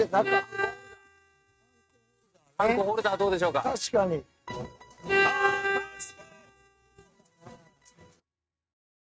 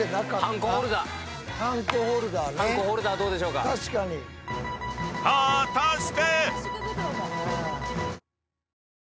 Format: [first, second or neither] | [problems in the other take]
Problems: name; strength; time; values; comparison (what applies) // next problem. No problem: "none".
second | noise reduction (neural mask model RNNoise)